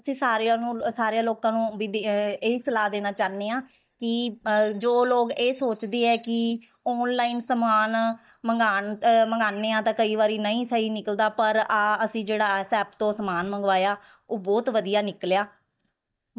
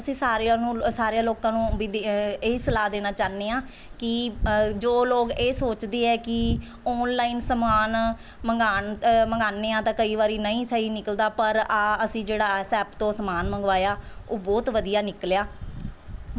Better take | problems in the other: second | noise reduction (neural mask model DeepFilterNet 3)

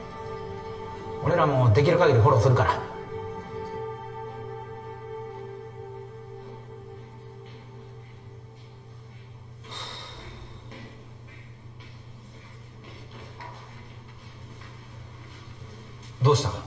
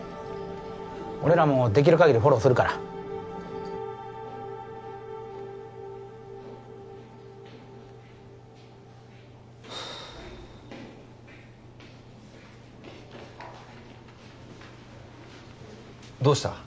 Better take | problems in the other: second | room echo; dies away in 1.1 s

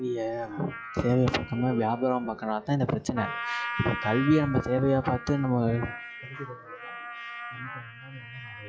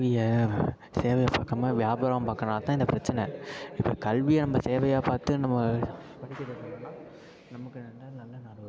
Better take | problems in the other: second | noise reduction (classical method log-MMSE)

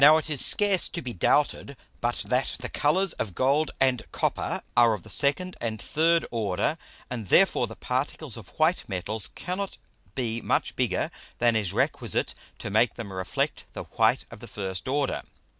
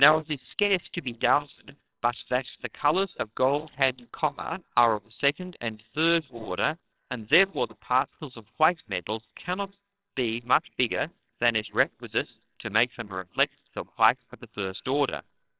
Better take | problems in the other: first | noise reduction (neural separator model SepFormer WHAMR!)

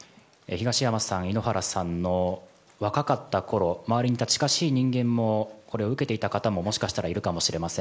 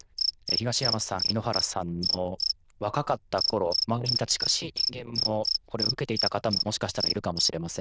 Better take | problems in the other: first | noise reduction (neural diffusion model UNIVERSE++)

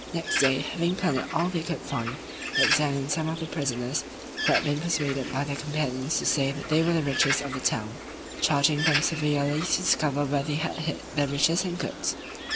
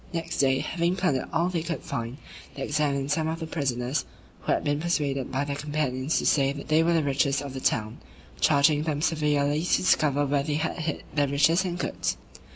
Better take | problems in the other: second | background sound (Bird); 6 dB below the speech

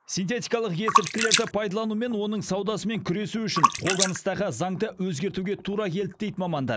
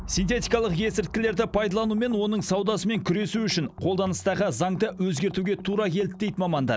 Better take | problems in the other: second | noise reduction (neural mask model Resemble Enhance denoiser)

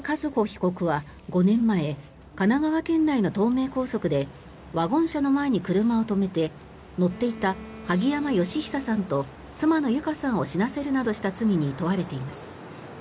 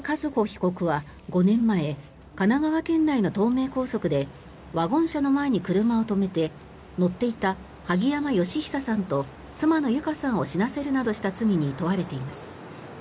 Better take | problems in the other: second | background sound (Wind instrument, woodwind instrument); 19 dB below the speech

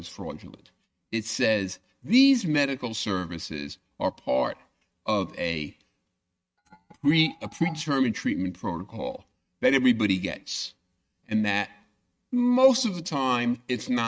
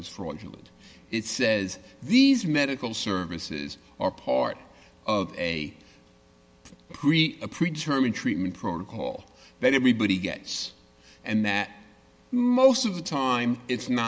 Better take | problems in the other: second | noise reduction (neural mask model RNNoise)

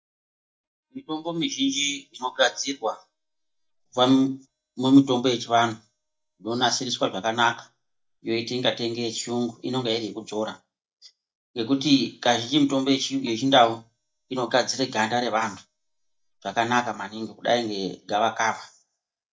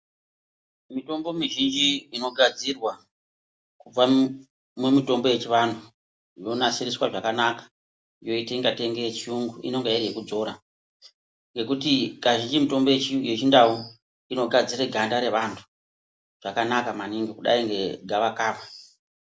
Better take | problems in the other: second | noise reduction (neural mask model DeepFilterNet 3)

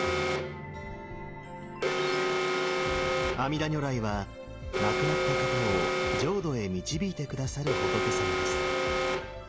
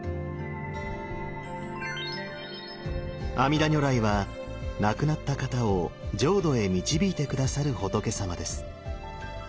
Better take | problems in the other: second | background sound (Alarm); 3 dB above the speech

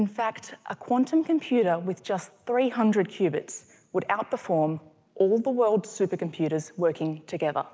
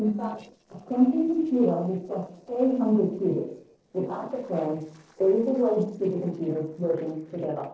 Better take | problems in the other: first | noise reduction (neural separator model SepFormer DNS4)

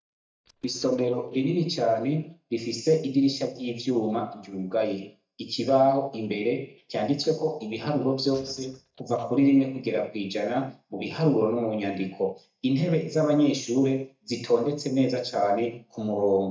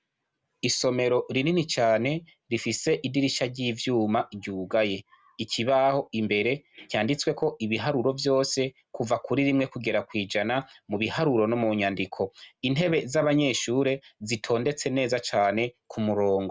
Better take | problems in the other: second | noise reduction (neural mask model DeepFilterNet 3)

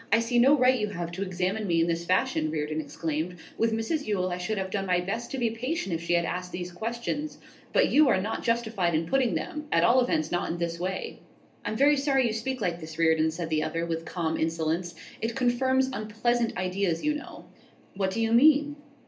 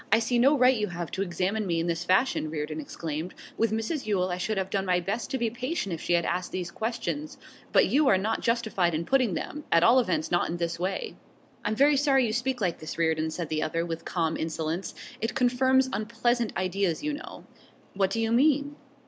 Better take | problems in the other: second | room echo; dies away in 0.3 s

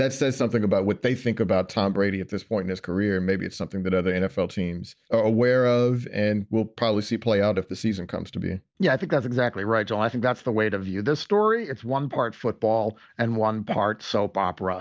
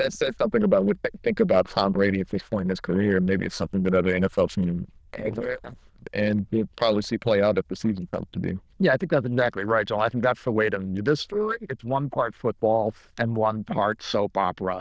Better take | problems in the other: first | noise reduction (neural diffusion model UNIVERSE++)

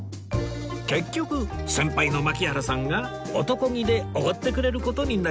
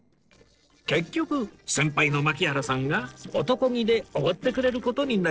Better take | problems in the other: first | noise reduction (neural separator model SepFormer DNS4)

